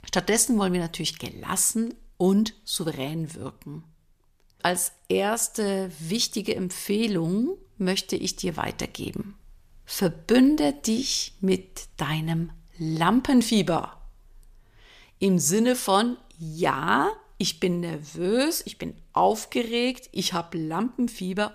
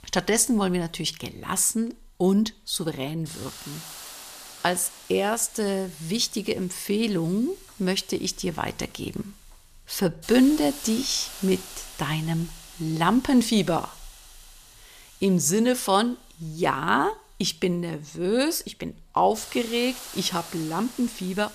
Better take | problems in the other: first | hiss; noticeable; throughout; 15 dB below the speech

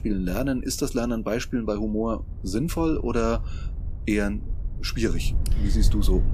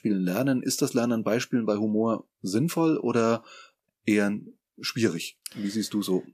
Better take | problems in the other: second | wind noise on the microphone; occasional gusts; 20 dB below the speech

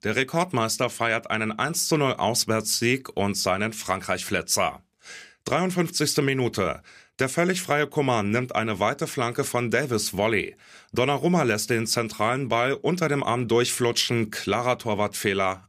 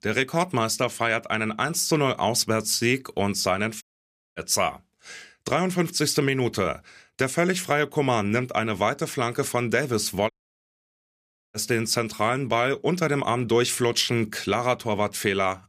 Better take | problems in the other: first | audio cutting out; at 4 s for 0.5 s and at 10 s for 1 s

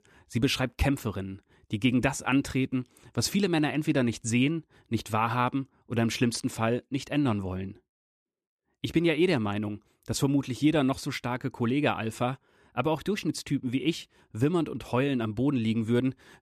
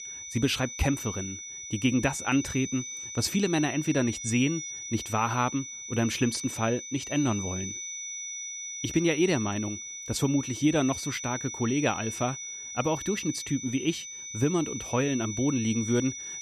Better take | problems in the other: first | high-pitched whine; loud; throughout; 6 kHz, 7 dB below the speech

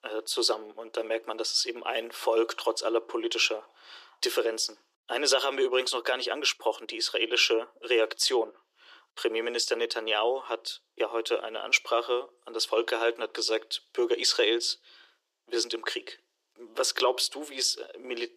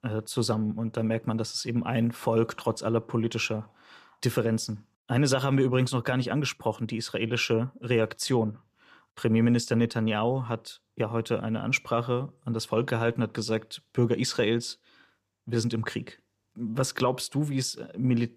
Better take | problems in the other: second | thin; very; fading below 350 Hz

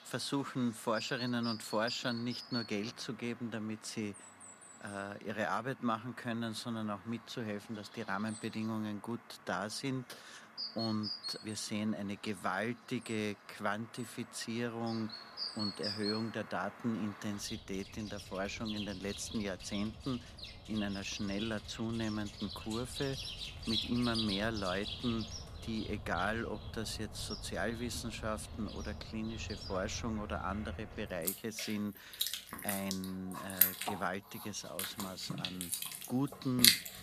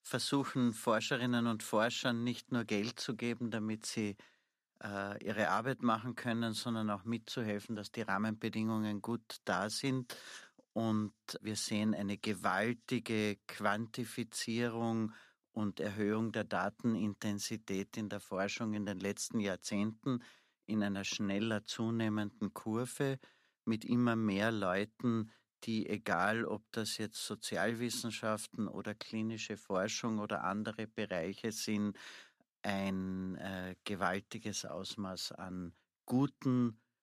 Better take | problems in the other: second | animal sounds; very loud; throughout; as loud as the speech

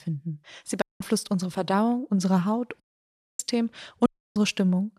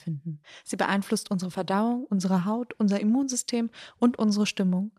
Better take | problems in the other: second | audio cutting out; at 1 s, at 3 s for 0.5 s and at 4 s

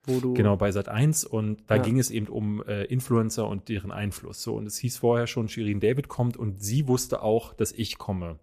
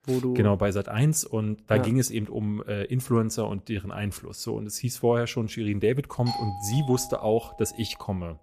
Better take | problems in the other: first | doorbell; noticeable; from 6.5 to 7.5 s; peak 6 dB below the speech

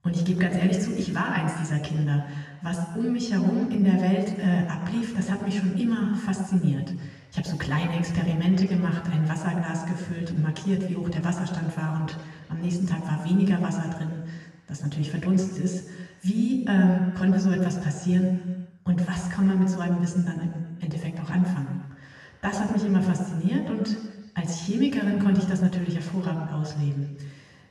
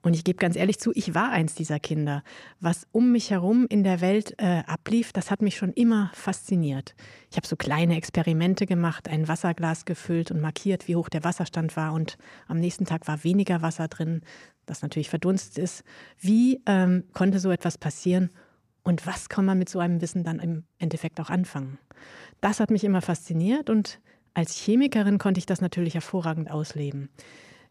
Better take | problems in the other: second | room echo; noticeable; dies away in 1.3 s // off-mic speech; somewhat distant

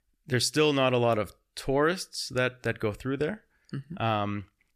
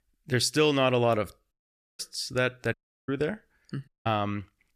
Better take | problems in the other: first | audio cutting out; at 1.5 s, at 2.5 s and at 4 s

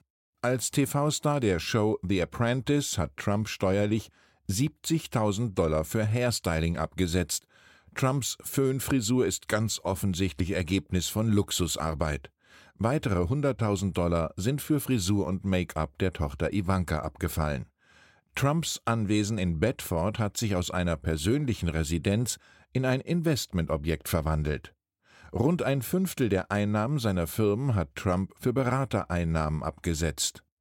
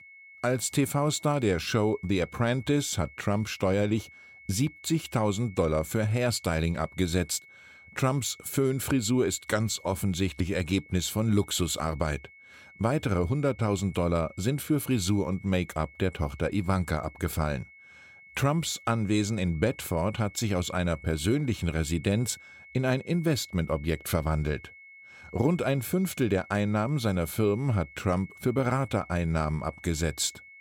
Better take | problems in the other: first | high-pitched whine; faint; throughout; 2 kHz, 20 dB below the speech

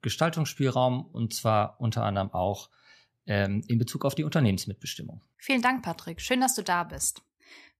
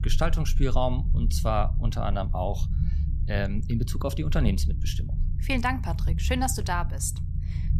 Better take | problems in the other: first | low rumble; noticeable; throughout; 15 dB below the speech

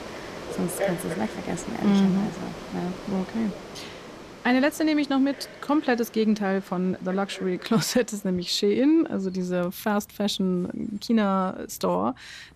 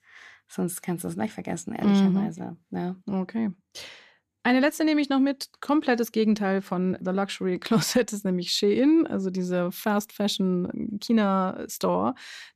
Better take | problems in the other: second | animal sounds; noticeable; throughout; 10 dB below the speech

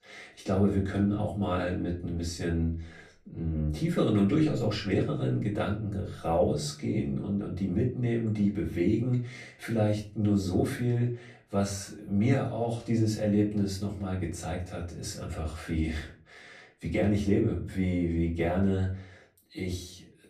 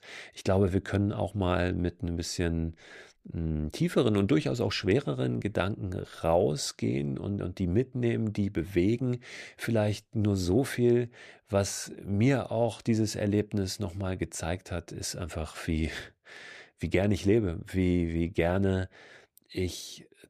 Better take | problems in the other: second | room echo; slight; dies away in 0.3 s // off-mic speech; far

